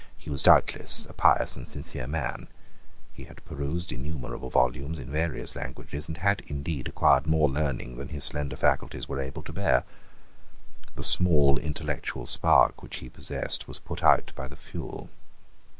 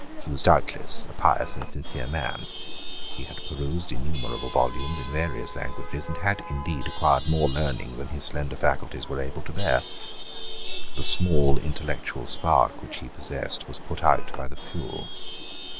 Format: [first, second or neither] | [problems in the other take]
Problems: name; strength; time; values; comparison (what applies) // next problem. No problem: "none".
first | background sound (Chatter / Traffic noise, roadway noise / Vehicle horn, car horn, honking / Engine); 17 dB below the speech